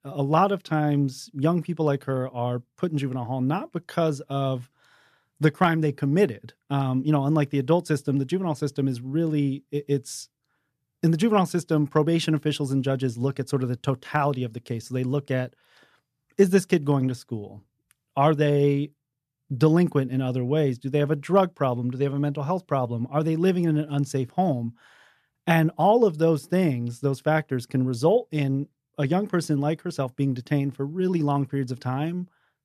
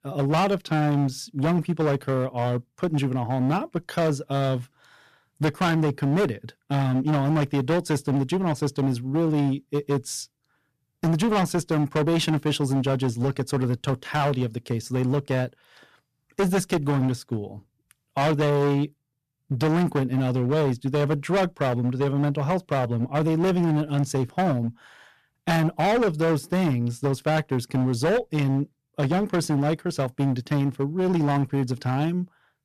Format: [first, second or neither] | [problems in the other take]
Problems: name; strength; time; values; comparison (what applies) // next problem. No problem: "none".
first | distortion; heavy; 19% of the sound clipped